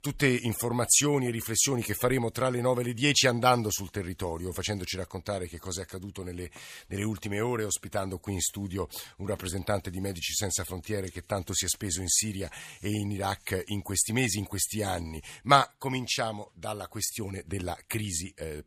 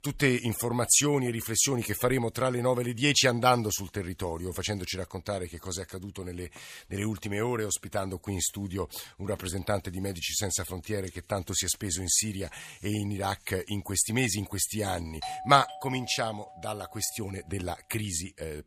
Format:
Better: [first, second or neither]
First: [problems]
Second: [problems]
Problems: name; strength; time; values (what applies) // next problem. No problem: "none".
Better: first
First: none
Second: doorbell; noticeable; from 15 to 17 s; peak 9 dB below the speech